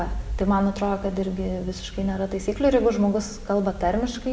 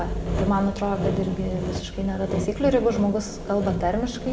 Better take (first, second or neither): first